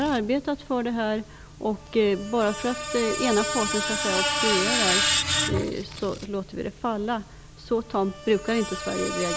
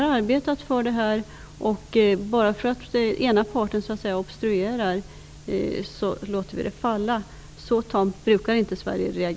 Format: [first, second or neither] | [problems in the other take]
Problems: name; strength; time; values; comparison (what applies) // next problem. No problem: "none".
second | background sound (Screech); 3 dB below the speech